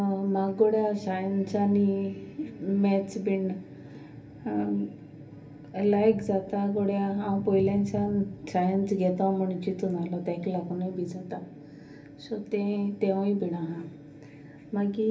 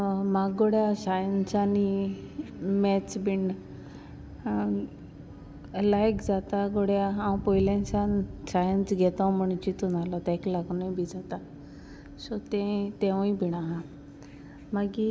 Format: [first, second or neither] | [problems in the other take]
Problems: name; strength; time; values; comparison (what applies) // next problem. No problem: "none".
second | room echo; dies away in 0.3 s